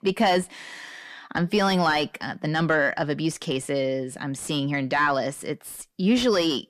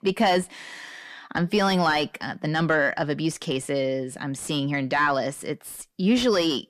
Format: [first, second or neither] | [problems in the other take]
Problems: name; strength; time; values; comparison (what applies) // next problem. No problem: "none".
neither | distortion; slight; 10 dB below the speech; the same in both